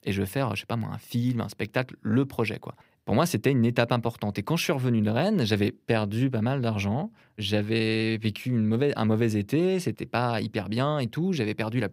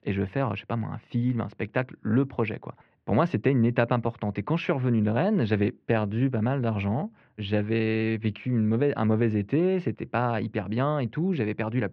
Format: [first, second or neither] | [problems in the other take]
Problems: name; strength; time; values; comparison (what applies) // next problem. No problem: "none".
first | muffled; very; fading above 2.5 kHz